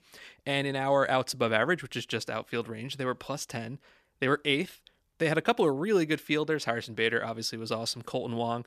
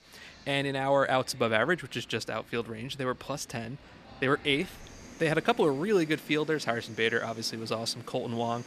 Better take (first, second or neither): first